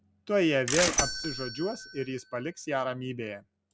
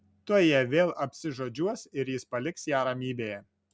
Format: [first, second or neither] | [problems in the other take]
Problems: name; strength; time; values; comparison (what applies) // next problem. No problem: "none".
second | background sound (Bell / Mechanisms); 3 dB below the speech